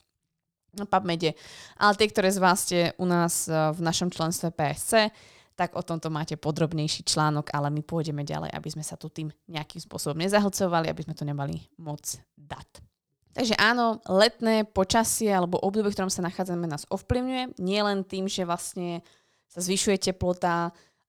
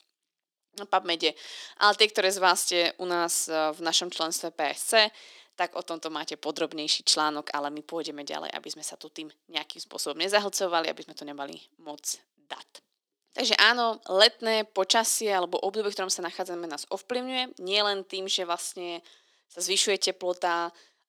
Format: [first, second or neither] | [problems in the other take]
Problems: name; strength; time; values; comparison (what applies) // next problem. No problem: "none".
first | thin; somewhat; fading below 300 Hz